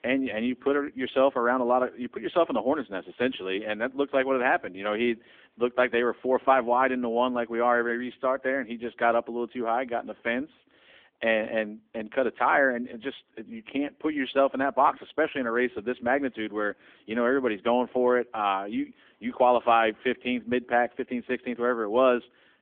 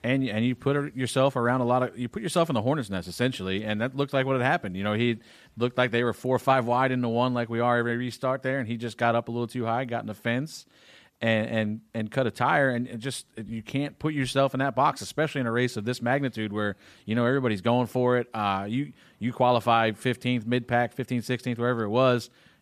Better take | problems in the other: second | phone-call audio; nothing above 3.5 kHz

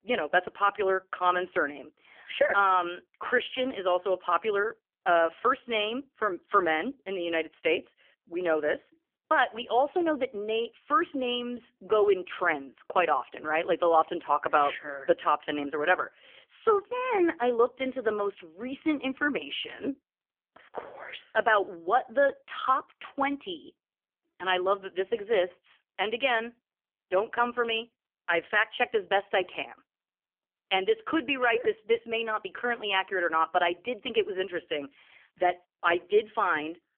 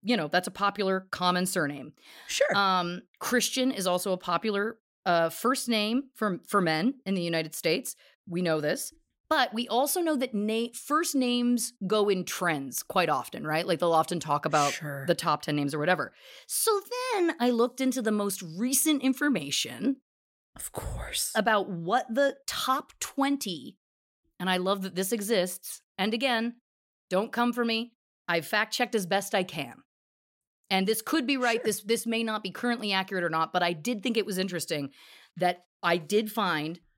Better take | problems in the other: second | phone-call audio; poor line; nothing above 3.5 kHz

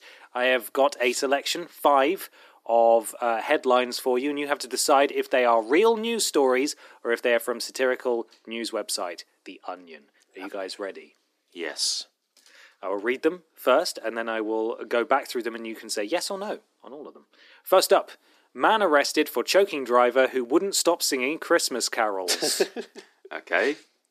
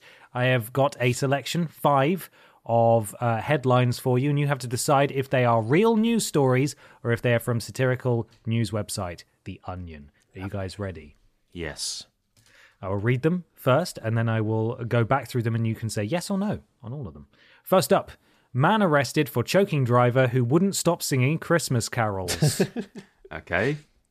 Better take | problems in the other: second | thin; somewhat; fading below 300 Hz

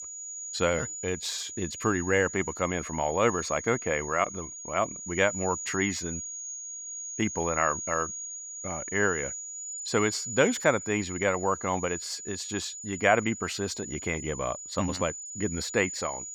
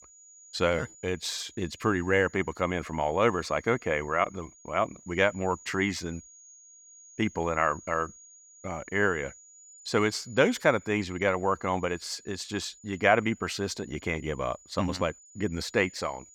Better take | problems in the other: second | high-pitched whine; loud; throughout; 7 kHz, 7 dB below the speech; faint in the second

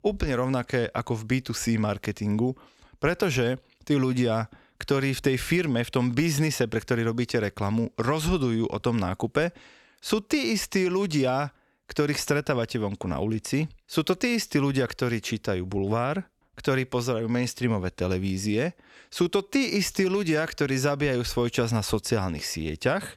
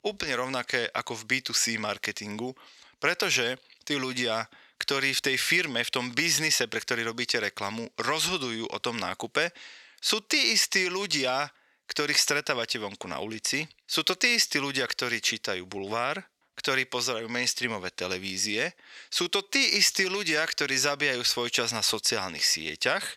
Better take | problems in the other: first | thin; somewhat; fading below 850 Hz

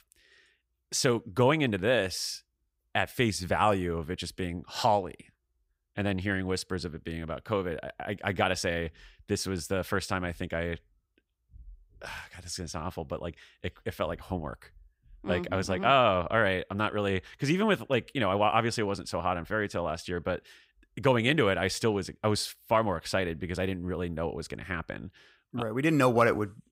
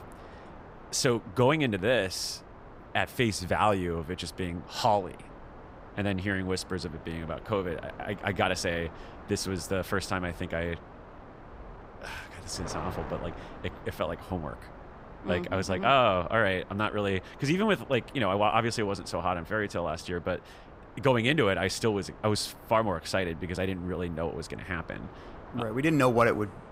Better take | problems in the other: first | wind noise on the microphone; occasional gusts; 20 dB below the speech

